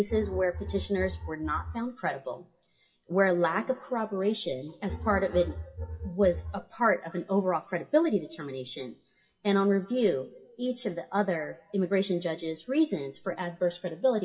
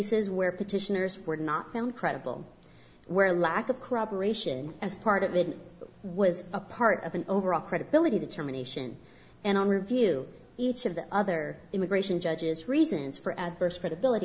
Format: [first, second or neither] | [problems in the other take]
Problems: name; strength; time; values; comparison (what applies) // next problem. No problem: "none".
second | noise reduction (classical method WPE with log-MMSE)